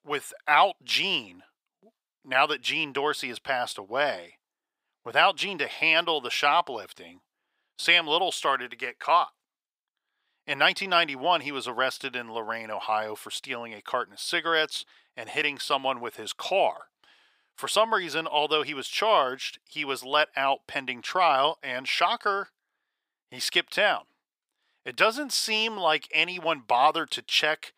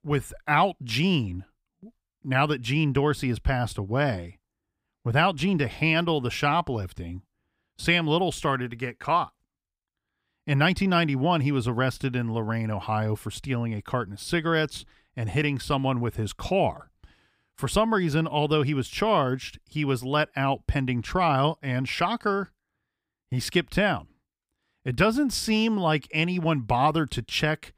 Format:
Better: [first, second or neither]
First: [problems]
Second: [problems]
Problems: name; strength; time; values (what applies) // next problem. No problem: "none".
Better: second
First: thin; very; fading below 650 Hz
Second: none